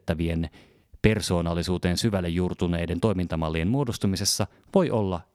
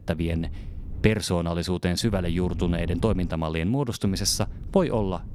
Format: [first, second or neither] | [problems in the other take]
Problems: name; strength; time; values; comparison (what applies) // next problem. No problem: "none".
first | low rumble; faint; until 1 s, from 2 to 3.5 s and from 4 s on; 20 dB below the speech